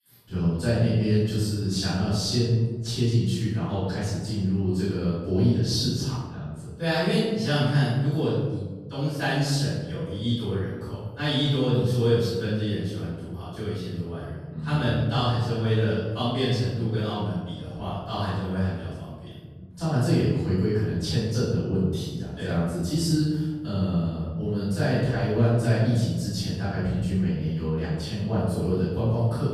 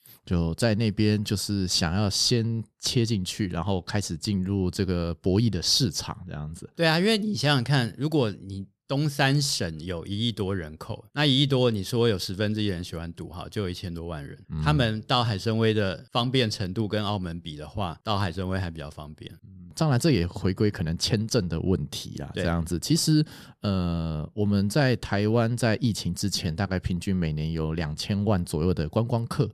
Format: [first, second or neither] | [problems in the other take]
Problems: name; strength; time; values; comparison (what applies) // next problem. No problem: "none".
second | room echo; strong; dies away in 1.3 s // off-mic speech; far